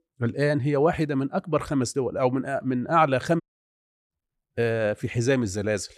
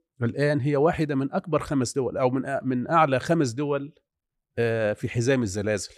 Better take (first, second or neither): second